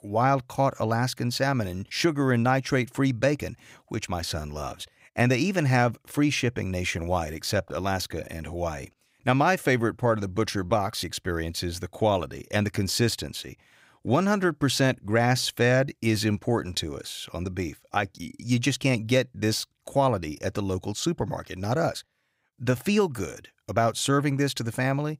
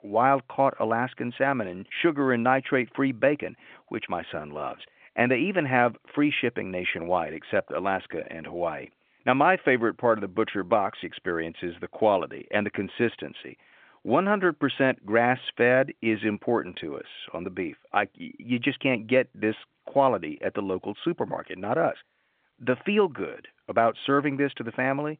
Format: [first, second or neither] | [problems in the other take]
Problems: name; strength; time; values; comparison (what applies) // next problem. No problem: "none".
first | phone-call audio; nothing above 3 kHz